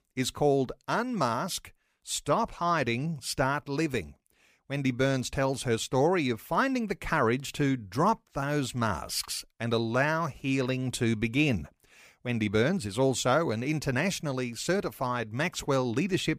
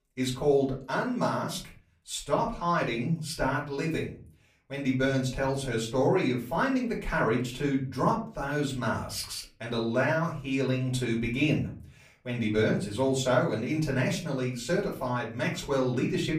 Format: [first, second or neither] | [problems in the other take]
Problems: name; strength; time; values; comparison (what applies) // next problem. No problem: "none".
first | room echo; slight; dies away in 0.3 s // off-mic speech; far